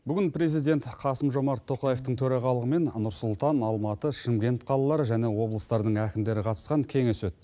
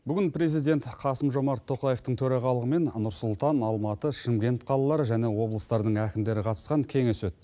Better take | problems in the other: second | background sound (Acoustic guitar); 19 dB below the speech

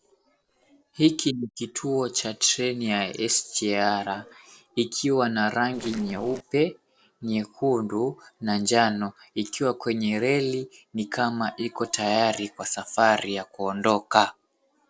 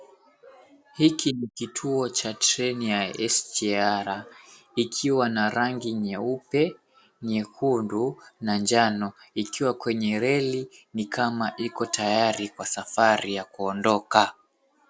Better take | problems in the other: second | noise reduction (neural separator model SepFormer DNS4)

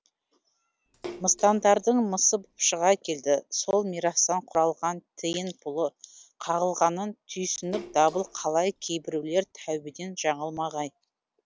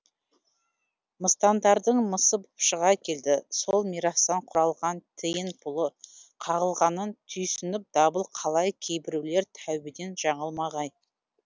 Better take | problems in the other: second | background sound (Splash, splatter); 18 dB below the speech

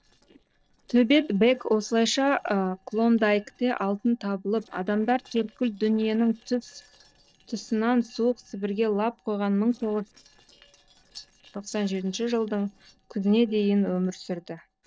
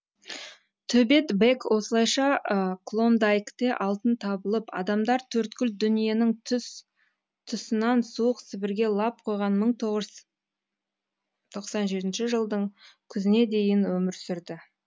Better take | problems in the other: second | noise reduction (neural separator model SepFormer DNS4)

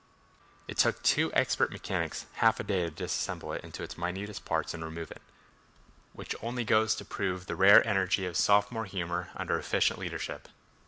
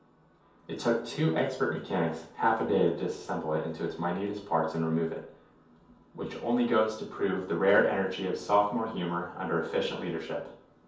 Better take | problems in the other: first | room echo; dies away in 0.6 s

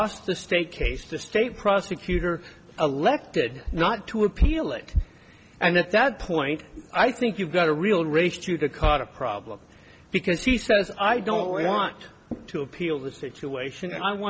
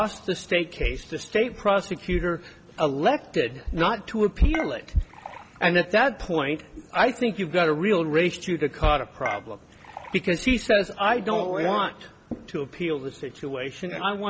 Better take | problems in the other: first | background sound (Dishes, pots, and pans / Chink, clink); 14 dB below the speech

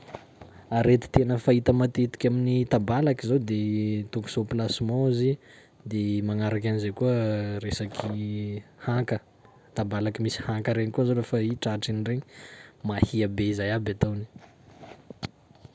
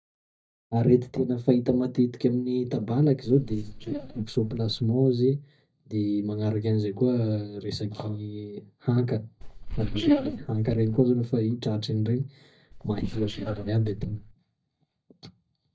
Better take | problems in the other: first | noise reduction (neural mask model DeepFilterNet 3)

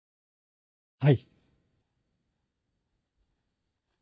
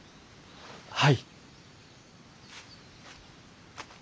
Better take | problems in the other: second | noise reduction (neural mask model DeepFilterNet 3)

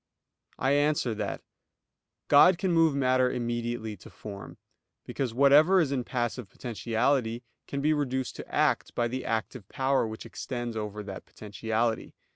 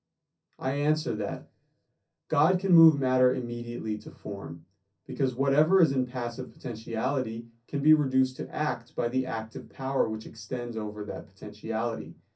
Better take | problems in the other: first | room echo; dies away in 0.3 s

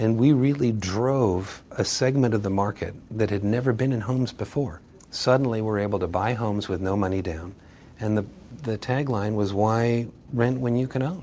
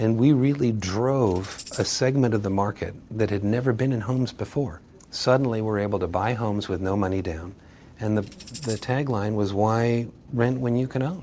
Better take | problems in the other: first | background sound (Tambourine); 19 dB below the speech

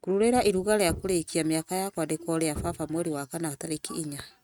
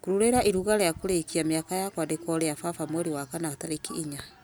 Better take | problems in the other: second | noise reduction (neural mask model RNNoise)

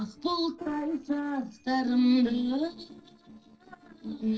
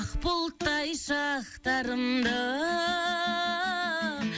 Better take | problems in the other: second | noise reduction (neural separator model SepFormer DNS4)

